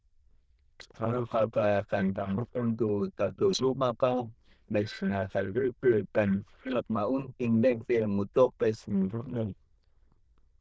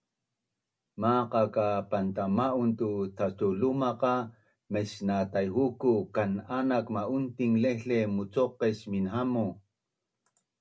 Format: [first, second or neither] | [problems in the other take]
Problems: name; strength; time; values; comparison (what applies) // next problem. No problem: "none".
second | noise reduction (neural diffusion model UNIVERSE++)